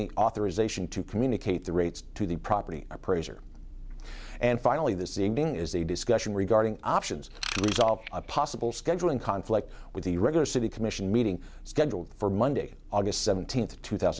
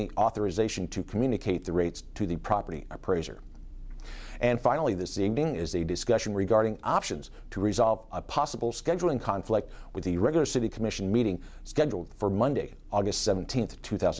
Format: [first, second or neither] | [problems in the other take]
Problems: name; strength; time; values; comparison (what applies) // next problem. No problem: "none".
second | background sound (Ratchet, pawl / Tools); 10 dB below the speech